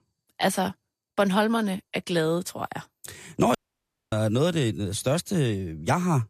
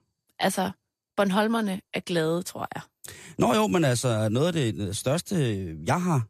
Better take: second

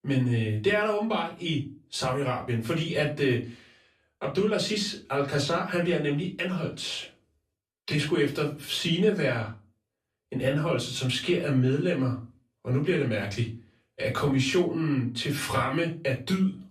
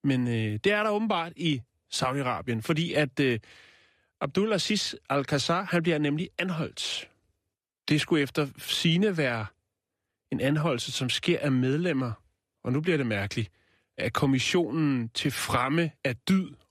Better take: second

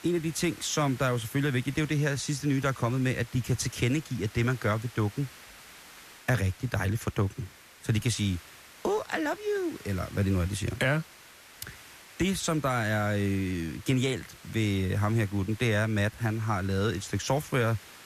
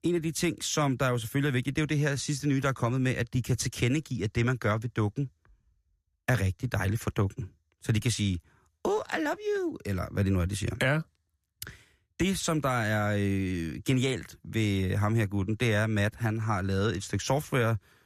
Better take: second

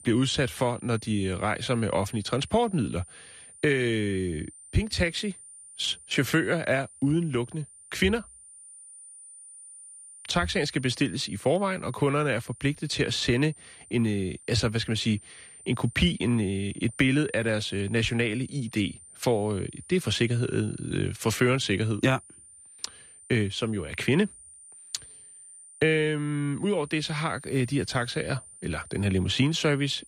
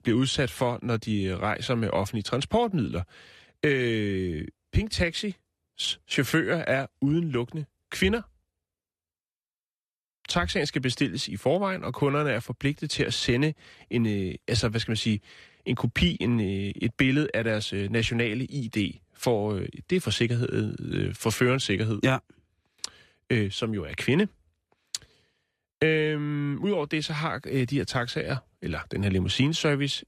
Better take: second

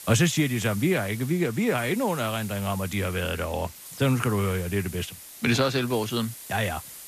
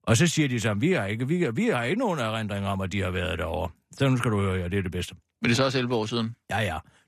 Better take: second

